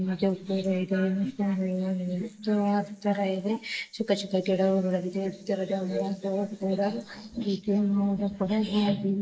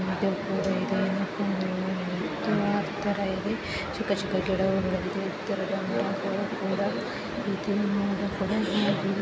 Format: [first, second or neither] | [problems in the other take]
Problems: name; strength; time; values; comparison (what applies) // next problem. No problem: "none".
second | noise reduction (neural mask model Resemble Enhance denoiser)